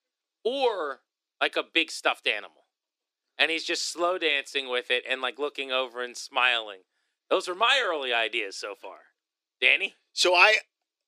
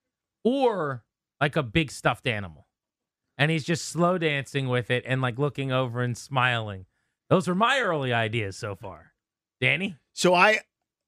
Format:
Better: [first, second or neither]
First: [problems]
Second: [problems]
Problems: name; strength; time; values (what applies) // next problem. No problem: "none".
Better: second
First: thin; very; fading below 300 Hz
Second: none